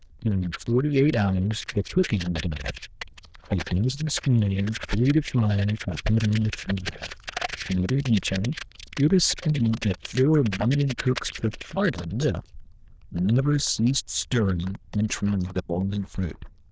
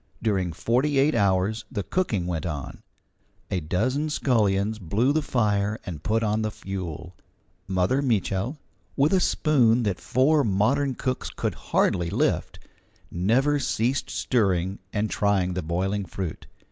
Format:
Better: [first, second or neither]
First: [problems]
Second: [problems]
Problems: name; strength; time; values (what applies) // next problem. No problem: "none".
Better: second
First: noise reduction (neural diffusion model UNIVERSE++)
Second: none